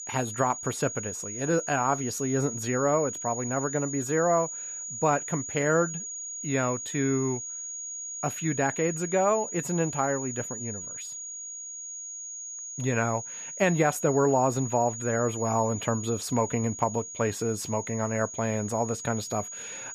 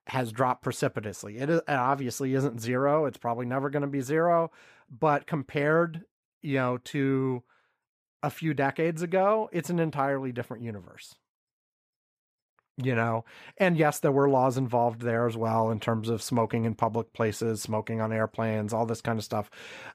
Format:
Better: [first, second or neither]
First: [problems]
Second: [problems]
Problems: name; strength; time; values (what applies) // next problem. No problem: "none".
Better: second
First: high-pitched whine; loud; throughout; 6.5 kHz, 7 dB below the speech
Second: none